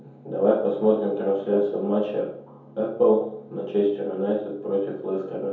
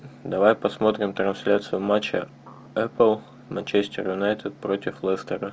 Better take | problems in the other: second | room echo; dies away in 0.7 s

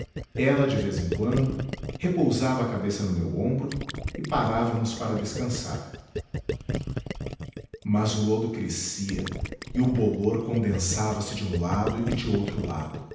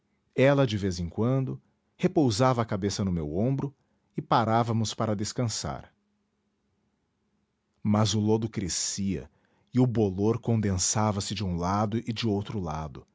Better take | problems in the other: second | background sound (Gurgling); 8 dB below the speech // room echo; dies away in 0.9 s

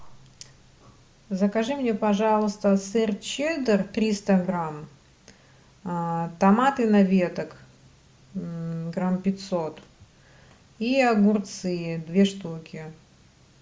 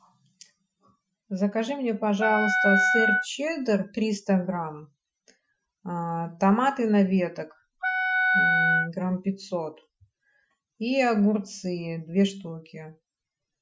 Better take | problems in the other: first | noise reduction (classical method Wiener filter)

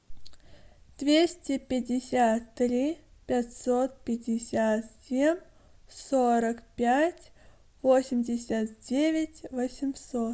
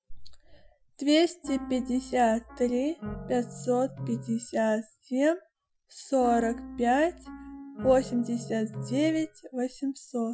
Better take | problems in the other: first | noise reduction (classical method Wiener filter)

